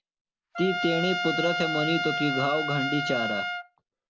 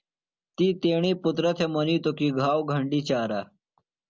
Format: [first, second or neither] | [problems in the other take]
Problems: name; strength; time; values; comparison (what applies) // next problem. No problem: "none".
second | background sound (Trumpet); 1 dB below the speech